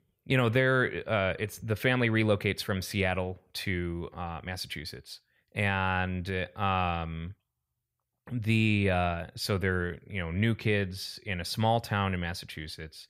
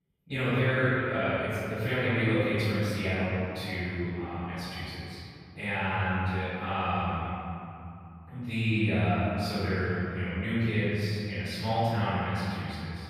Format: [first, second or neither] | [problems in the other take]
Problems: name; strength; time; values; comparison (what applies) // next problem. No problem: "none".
first | room echo; strong; dies away in 2.6 s // off-mic speech; far